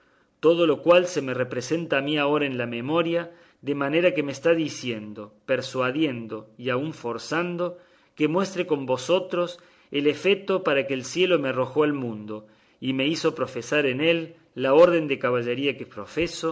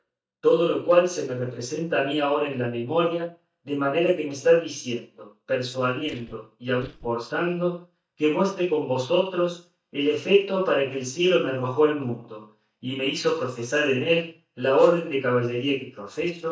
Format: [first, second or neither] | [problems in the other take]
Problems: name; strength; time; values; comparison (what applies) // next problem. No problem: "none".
first | noise reduction (neural mask model DeepFilterNet 3)